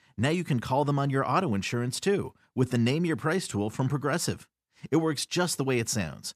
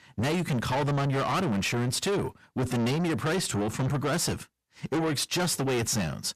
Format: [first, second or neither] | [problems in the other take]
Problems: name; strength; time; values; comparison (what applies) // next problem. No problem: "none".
first | distortion; heavy; 6 dB below the speech